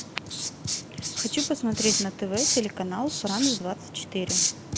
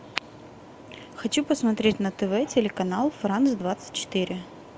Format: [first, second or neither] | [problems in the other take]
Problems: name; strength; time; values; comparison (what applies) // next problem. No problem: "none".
second | background sound (Writing); as loud as the speech